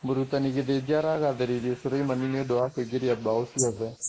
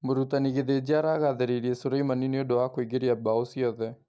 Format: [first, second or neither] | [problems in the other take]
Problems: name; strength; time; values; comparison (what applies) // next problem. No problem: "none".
second | noise reduction (neural mask model Resemble Enhance denoiser)